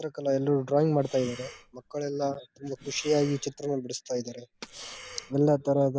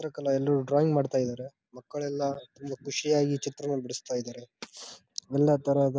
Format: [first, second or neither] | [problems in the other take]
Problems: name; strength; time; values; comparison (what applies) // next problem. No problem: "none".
second | background sound (Breathing); 19 dB below the speech